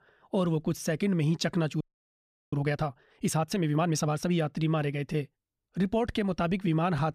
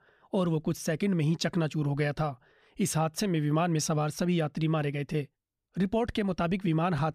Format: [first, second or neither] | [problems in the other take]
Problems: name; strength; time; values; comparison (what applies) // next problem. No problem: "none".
second | audio freezing; at 2 s for 0.5 s